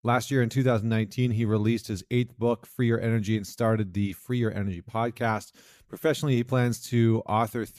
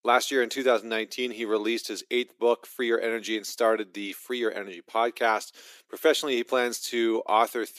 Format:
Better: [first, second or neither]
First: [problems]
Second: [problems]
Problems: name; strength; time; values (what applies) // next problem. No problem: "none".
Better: first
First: none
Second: thin; very; fading below 300 Hz